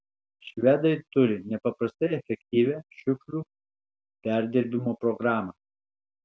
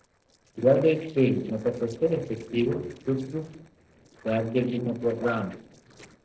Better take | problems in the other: first | noise reduction (neural separator model SepFormer DNS4)

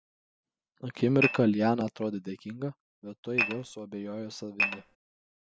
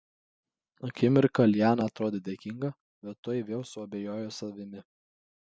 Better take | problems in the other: second | background sound (Dishes, pots, and pans / Glass); 1 dB above the speech

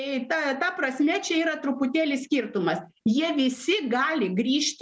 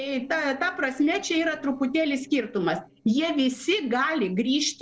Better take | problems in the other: first | noise reduction (neural separator model SepFormer DNS4)

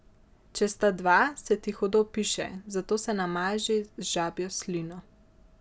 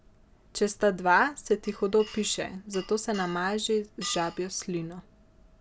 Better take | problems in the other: first | background sound (Glass); 18 dB below the speech

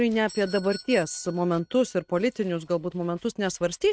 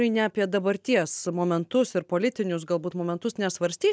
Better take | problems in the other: second | noise reduction (neural mask model RNNoise)

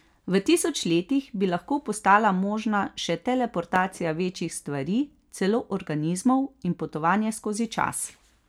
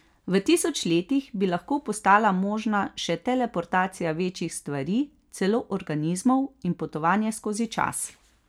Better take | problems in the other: second | background sound (Fireworks); 20 dB below the speech

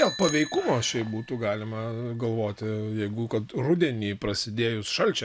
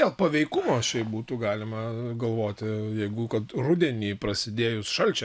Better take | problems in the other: second | background sound (Bicycle bell); 16 dB below the speech

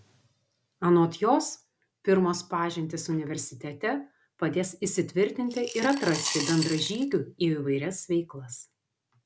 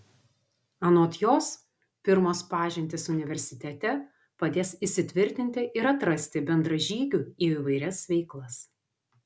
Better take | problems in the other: second | background sound (Coin (dropping) / Glass); 8 dB below the speech

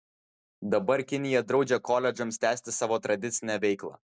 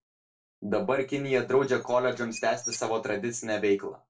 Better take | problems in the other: first | background sound (Squeak / Dishes, pots, and pans); 16 dB below the speech // room echo; dies away in 0.2 s

